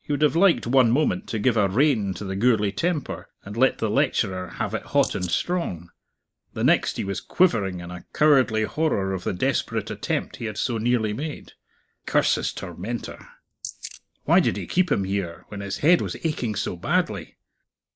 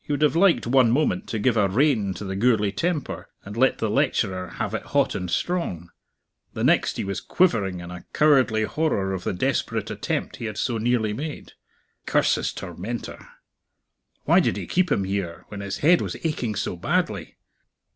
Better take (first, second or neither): second